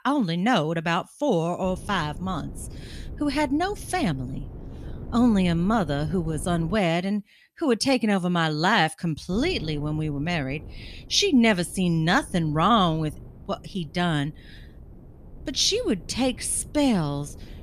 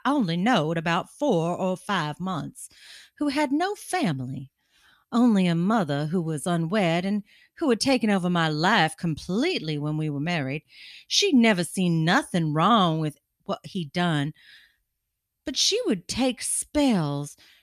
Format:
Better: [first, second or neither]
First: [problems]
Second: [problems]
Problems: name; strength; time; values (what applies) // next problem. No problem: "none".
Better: second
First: wind noise on the microphone; occasional gusts; from 1.5 to 7 s and from 9.5 s on; 25 dB below the speech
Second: none